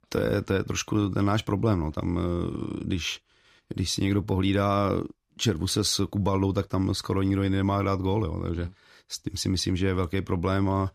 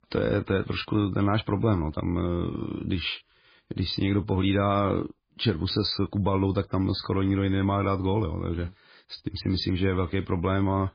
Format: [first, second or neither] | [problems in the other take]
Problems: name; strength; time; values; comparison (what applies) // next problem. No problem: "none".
first | garbled, watery; badly; nothing above 4.5 kHz